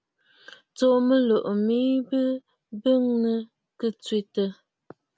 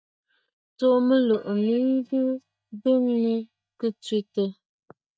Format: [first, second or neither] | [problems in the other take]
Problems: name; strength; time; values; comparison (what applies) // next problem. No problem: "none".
first | noise reduction (neural mask model DeepFilterNet 3)